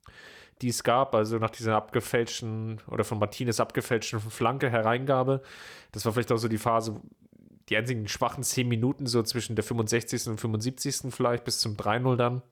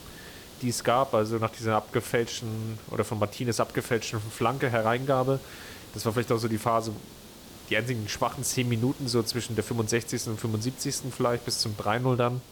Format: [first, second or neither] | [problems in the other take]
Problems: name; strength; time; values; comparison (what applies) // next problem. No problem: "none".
first | hiss; noticeable; throughout; 15 dB below the speech